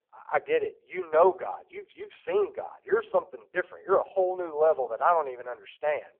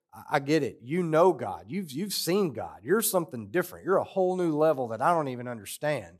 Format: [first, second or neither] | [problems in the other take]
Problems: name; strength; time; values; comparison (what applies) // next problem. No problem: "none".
second | phone-call audio; poor line